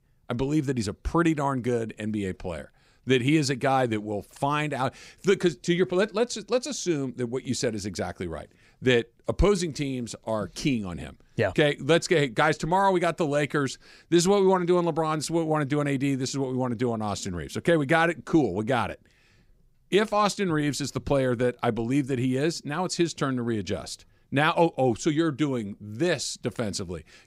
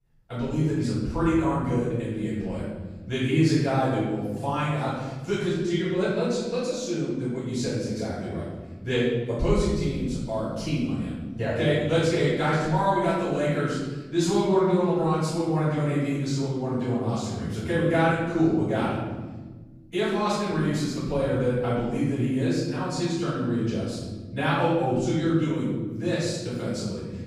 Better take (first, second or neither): first